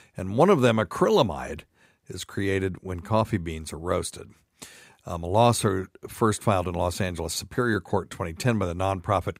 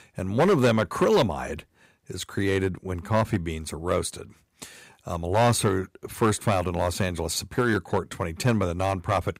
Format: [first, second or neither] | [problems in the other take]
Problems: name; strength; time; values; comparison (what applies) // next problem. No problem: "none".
first | distortion; slight; 3% of the sound clipped